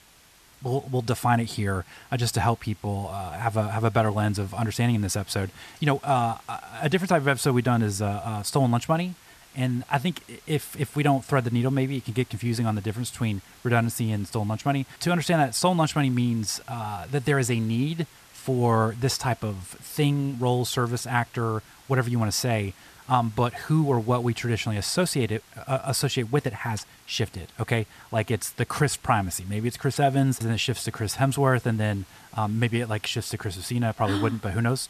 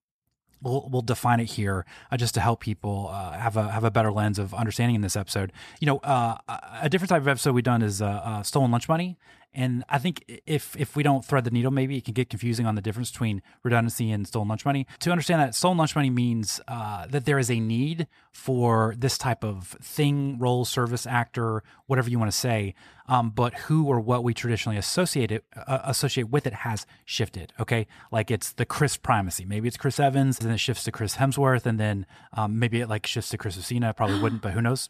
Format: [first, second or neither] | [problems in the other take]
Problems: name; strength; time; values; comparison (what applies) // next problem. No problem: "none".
second | hiss; faint; throughout; 25 dB below the speech